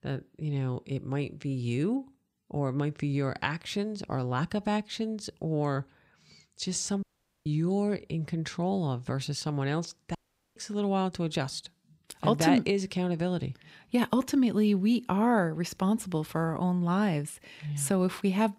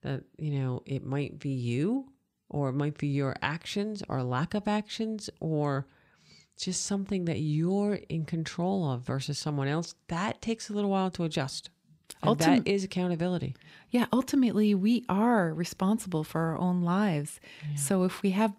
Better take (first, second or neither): second